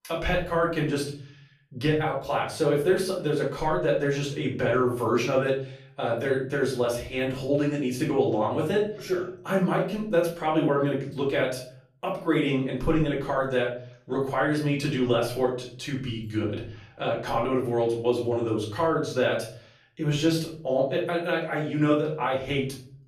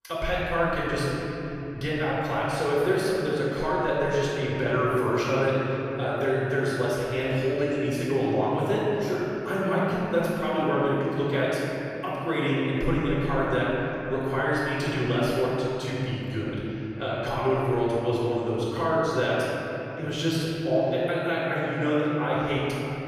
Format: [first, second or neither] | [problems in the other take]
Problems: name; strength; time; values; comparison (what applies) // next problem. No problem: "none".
first | room echo; strong; dies away in 3 s; slight in the first // off-mic speech; far; far in the first